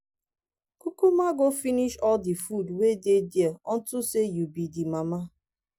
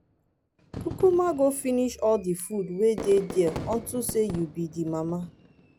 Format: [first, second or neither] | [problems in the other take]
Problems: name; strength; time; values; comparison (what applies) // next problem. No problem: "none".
first | background sound (Fireworks); 14 dB below the speech